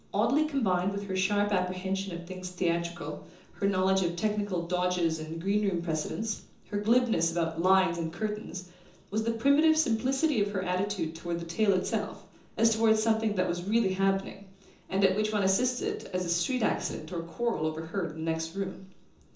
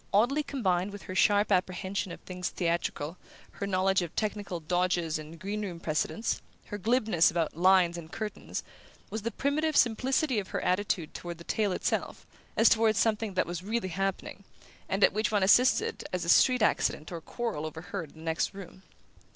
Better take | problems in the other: second | room echo; dies away in 0.6 s

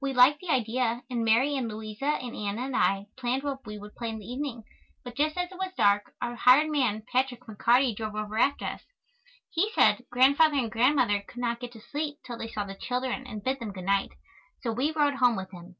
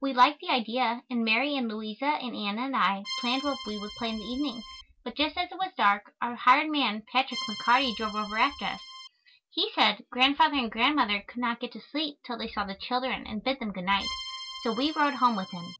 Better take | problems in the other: first | background sound (Accordion); 11 dB below the speech

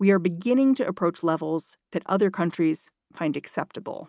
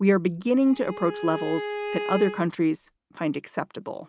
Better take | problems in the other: first | background sound (Bowed string instrument); 9 dB below the speech

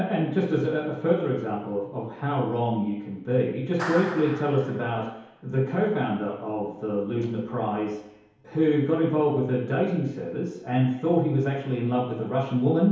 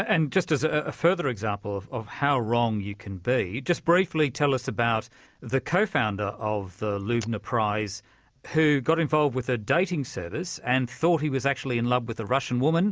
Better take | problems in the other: second | background sound (Clapping); 15 dB below the speech // room echo; dies away in 2.2 s

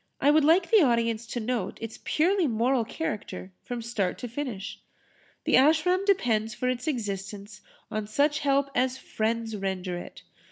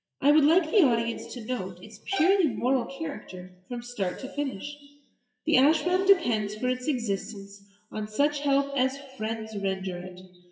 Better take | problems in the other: first | noise reduction (classical method WPE with log-MMSE)

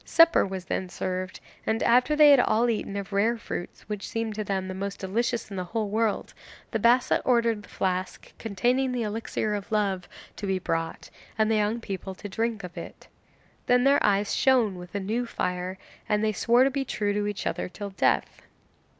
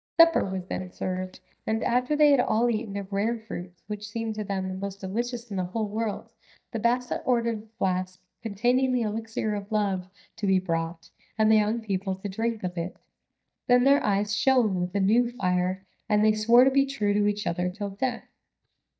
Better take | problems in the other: first | noise reduction (neural mask model DeepFilterNet 3)

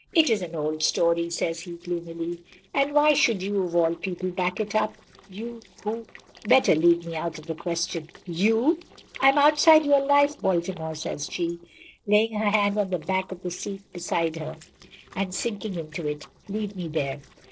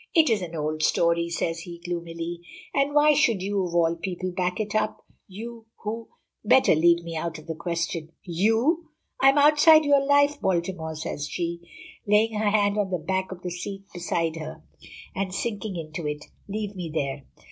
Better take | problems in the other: second | noise reduction (neural separator model SepFormer DNS4)

